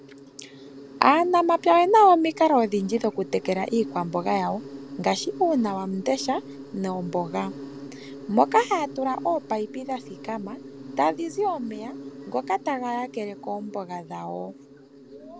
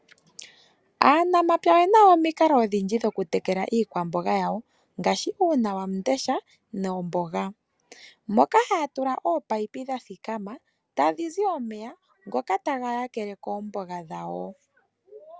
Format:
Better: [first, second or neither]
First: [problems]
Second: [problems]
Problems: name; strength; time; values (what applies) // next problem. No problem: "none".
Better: second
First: background sound (Insect); 15 dB below the speech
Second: none